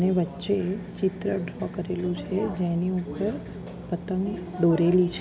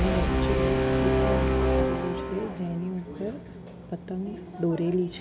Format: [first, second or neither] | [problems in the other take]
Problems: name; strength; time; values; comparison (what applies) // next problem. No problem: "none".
first | background sound (Brass instrument); 4 dB above the speech